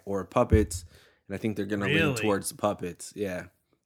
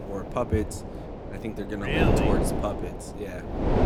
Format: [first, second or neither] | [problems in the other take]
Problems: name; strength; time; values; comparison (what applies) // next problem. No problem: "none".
first | wind noise on the microphone; heavy; as loud as the speech